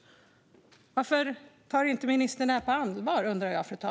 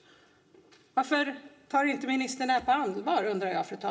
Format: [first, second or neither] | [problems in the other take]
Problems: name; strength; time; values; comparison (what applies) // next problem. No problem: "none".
first | room echo; dies away in 0.8 s